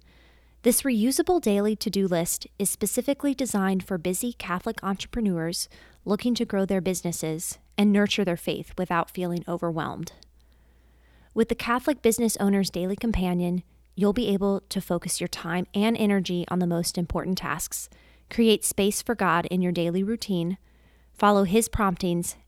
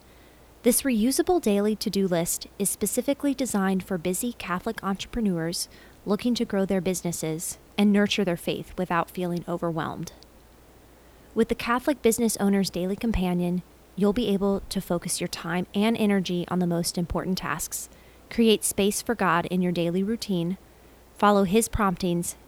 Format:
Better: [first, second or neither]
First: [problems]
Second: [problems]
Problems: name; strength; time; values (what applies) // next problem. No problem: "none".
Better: first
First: none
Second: hiss; faint; throughout; 30 dB below the speech